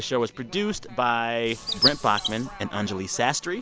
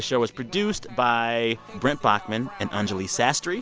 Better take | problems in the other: second | background sound (Chirp, tweet); 1 dB below the speech

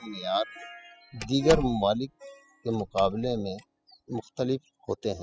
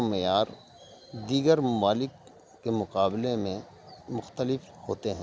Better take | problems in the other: second | noise reduction (classical method spectral subtraction)

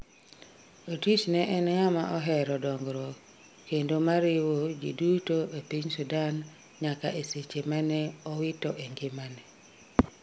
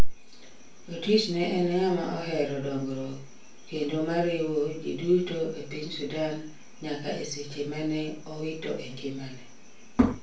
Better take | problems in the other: first | room echo; dies away in 0.3 s

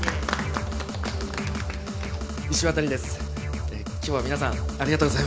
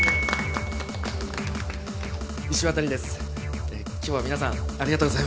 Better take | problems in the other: first | background sound (Piano); 9 dB below the speech

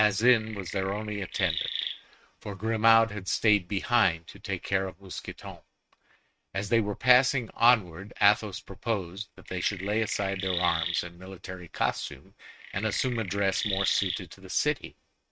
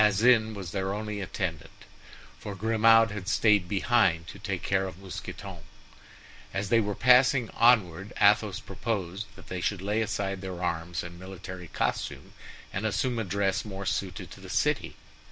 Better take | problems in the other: second | noise reduction (neural mask model RNNoise)

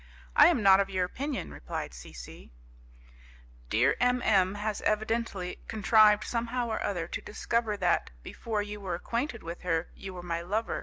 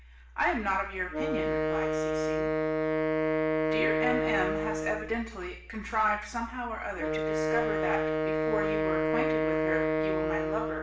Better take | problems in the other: first | background sound (Wind instrument, woodwind instrument); 4 dB above the speech // room echo; dies away in 0.5 s

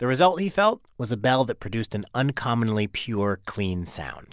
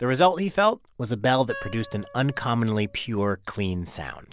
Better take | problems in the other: first | background sound (Wind instrument, woodwind instrument); 19 dB below the speech

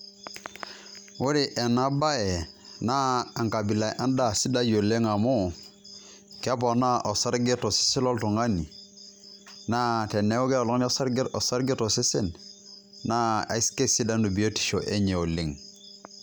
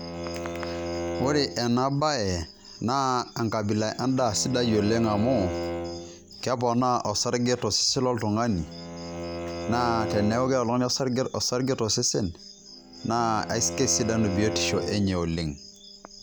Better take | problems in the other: first | background sound (Bowed string instrument); 9 dB below the speech

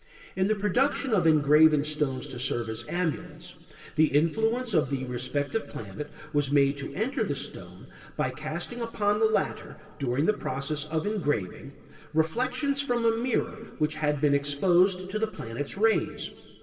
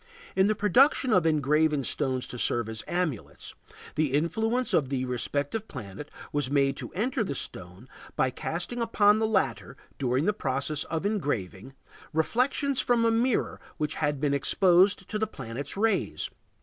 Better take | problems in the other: second | room echo; dies away in 2.7 s

